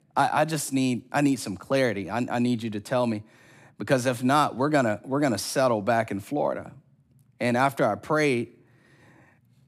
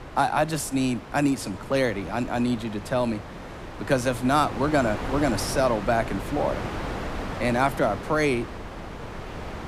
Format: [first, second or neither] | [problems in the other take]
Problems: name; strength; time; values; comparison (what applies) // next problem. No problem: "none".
first | wind noise on the microphone; occasional gusts; 10 dB below the speech